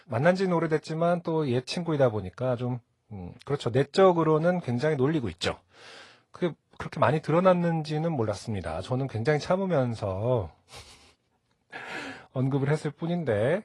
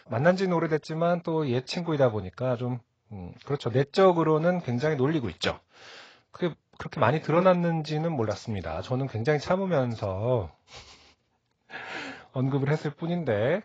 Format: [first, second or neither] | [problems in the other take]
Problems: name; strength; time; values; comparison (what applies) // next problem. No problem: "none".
first | garbled, watery; badly; nothing above 7.5 kHz; slightly in the first